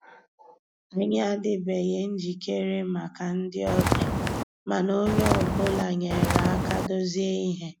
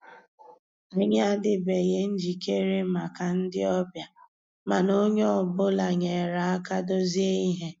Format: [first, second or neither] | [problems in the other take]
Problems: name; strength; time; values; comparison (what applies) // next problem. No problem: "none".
second | background sound (Walk, footsteps); 3 dB above the speech